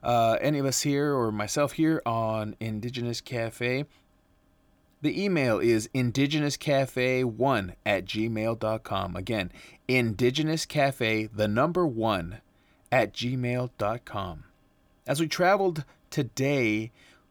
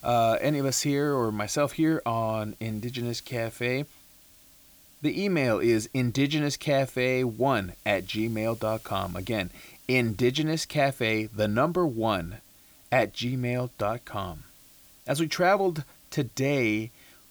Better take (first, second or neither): first